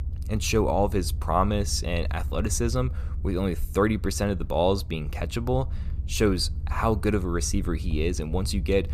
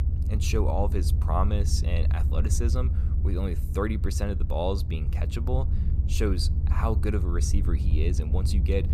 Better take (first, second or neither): first